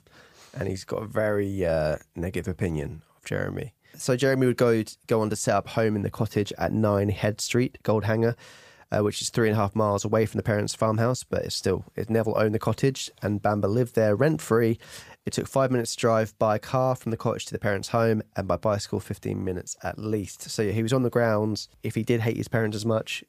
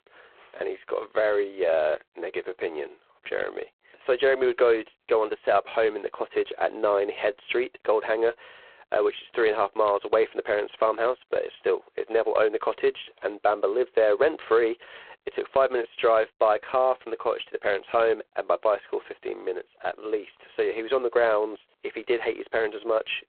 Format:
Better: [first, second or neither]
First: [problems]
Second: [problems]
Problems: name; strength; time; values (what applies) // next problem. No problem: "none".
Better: first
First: none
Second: phone-call audio; poor line; nothing above 4 kHz